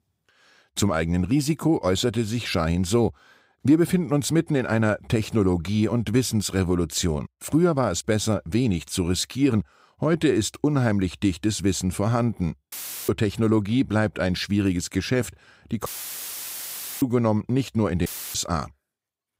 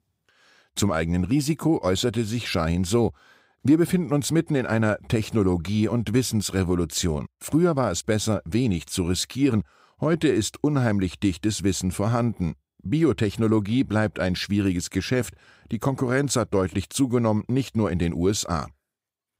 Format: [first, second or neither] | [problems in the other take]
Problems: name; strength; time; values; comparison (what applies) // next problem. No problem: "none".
second | audio cutting out; filled with static; at 13 s, at 16 s for 1 s and at 18 s